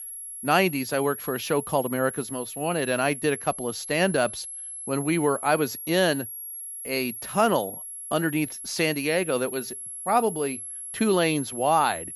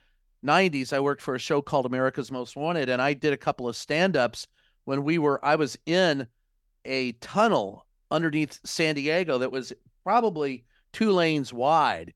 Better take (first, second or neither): second